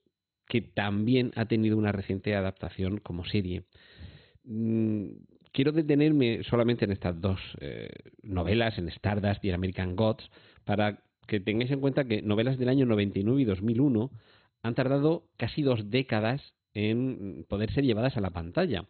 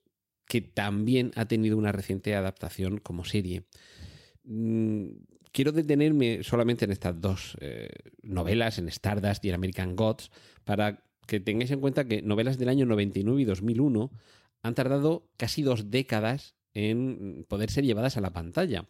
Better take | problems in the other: second | garbled, watery; badly; nothing above 4 kHz

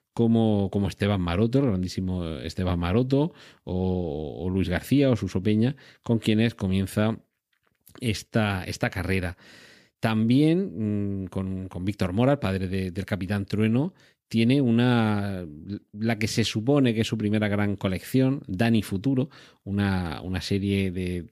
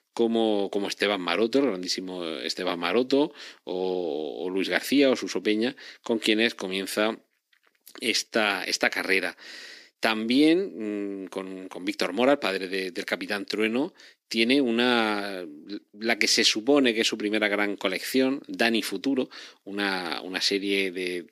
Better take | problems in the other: first | thin; somewhat; fading below 300 Hz

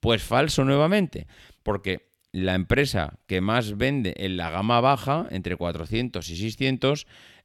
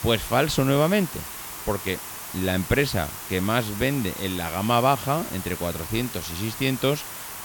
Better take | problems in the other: first | hiss; loud; throughout; 9 dB below the speech

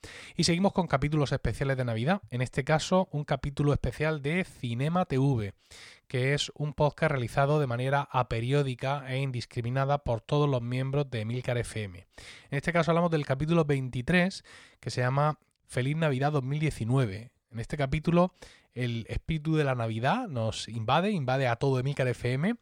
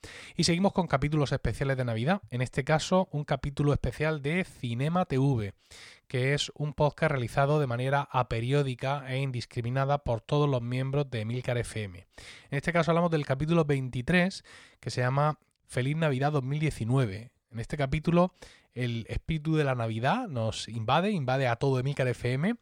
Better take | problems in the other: neither | none

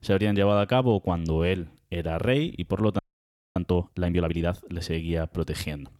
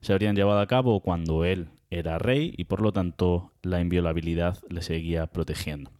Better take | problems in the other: second | audio freezing; at 3 s for 0.5 s

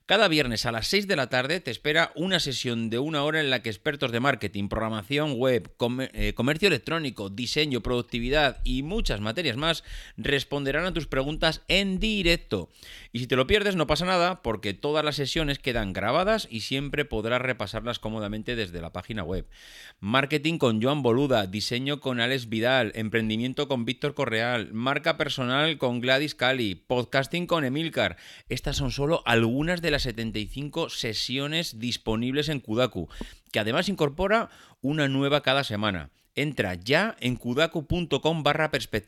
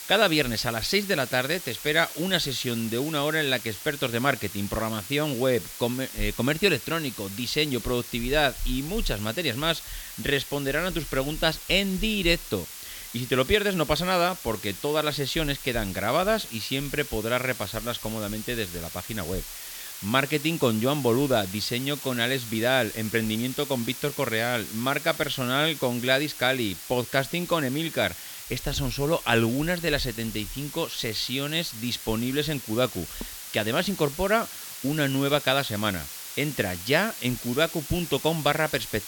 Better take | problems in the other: first | hiss; noticeable; throughout; 10 dB below the speech

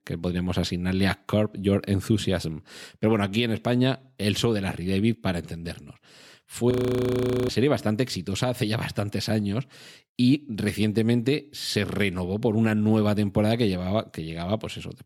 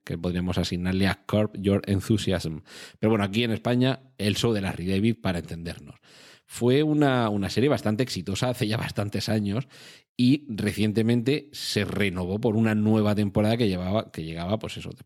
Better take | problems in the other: second | audio freezing; at 6.5 s for 1 s

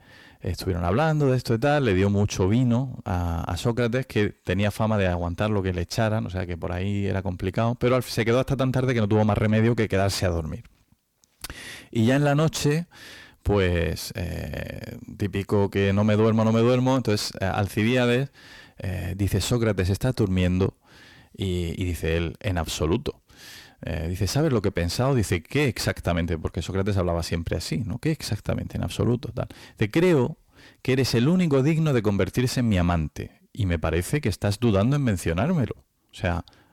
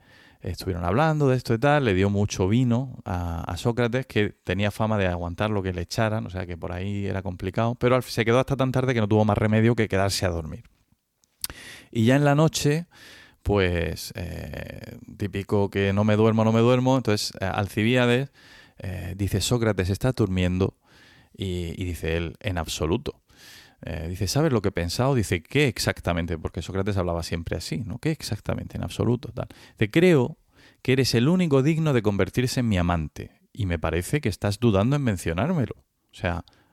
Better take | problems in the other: second | distortion; slight; 10 dB below the speech

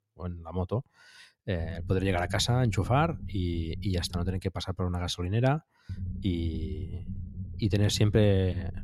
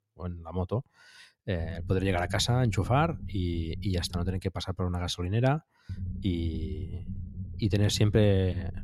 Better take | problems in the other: neither | low rumble; noticeable; from 1.5 to 4.5 s and from 6 s on; 20 dB below the speech; the same in both

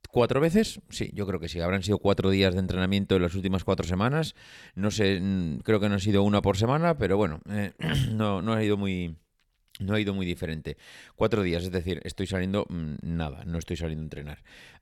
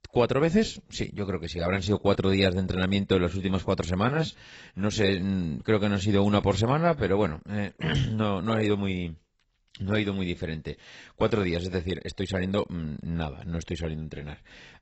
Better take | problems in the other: first | garbled, watery; badly; nothing above 8 kHz

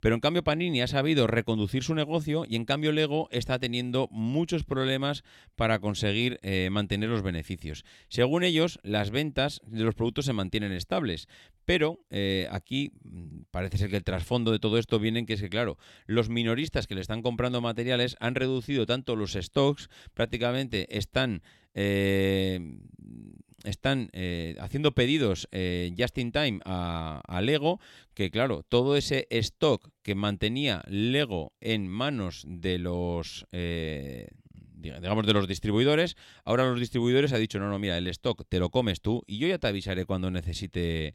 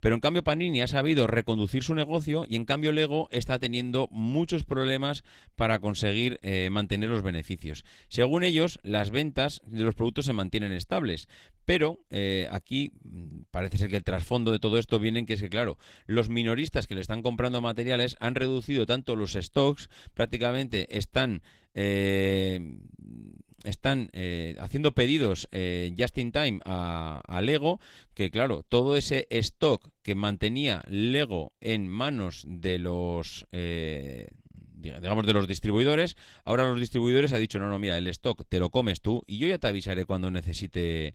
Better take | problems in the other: first | garbled, watery; slightly; nothing above 16.5 kHz

